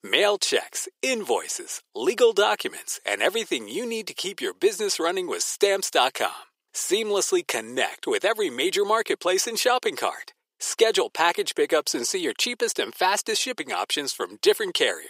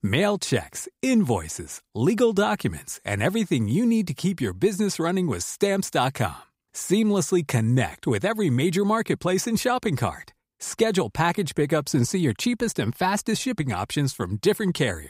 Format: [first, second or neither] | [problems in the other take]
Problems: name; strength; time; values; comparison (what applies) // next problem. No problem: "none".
second | thin; very; fading below 400 Hz